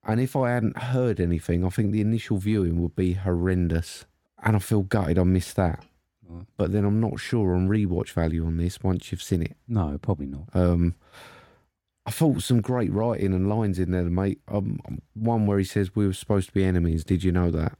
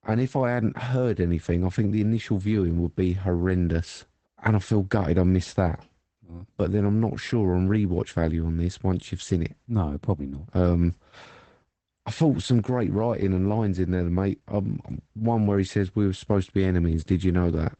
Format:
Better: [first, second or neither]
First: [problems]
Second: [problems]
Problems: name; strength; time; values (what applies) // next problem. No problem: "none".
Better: first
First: none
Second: garbled, watery; badly; nothing above 8 kHz